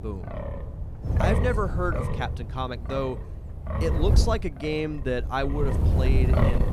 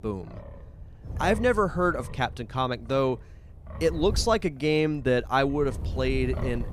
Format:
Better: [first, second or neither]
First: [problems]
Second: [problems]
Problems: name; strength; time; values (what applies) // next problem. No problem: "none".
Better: second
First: wind noise on the microphone; heavy; 5 dB below the speech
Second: wind noise on the microphone; occasional gusts; 20 dB below the speech